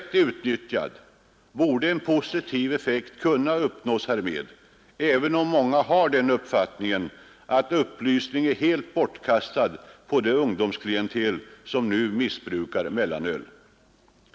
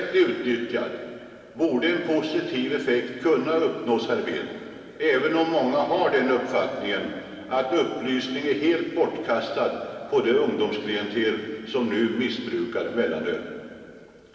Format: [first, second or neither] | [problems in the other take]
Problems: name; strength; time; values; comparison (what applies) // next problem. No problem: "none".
first | room echo; dies away in 2.7 s